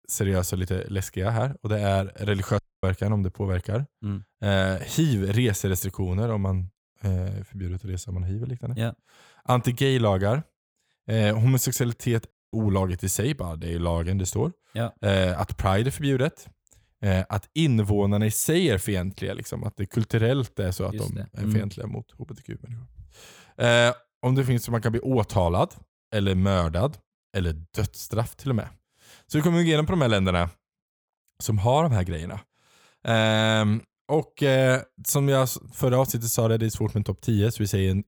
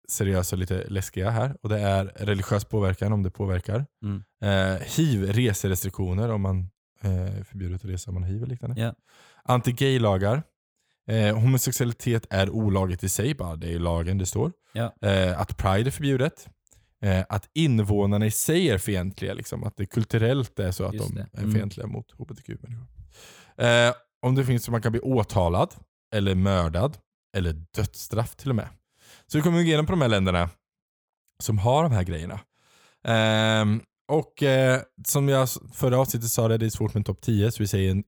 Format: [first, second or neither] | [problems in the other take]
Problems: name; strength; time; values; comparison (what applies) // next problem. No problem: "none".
second | audio cutting out; at 2.5 s and at 12 s